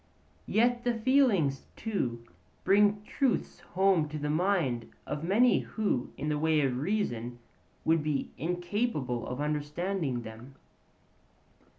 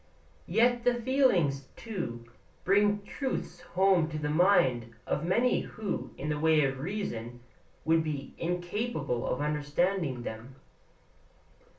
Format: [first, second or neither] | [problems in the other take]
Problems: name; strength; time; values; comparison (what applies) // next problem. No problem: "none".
first | room echo; dies away in 0.3 s